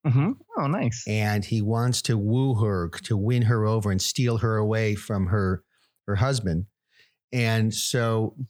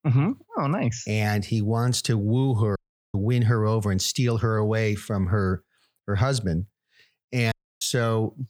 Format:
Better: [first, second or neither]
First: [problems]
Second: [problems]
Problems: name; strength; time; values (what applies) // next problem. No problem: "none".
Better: first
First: none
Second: audio cutting out; at 3 s and at 7.5 s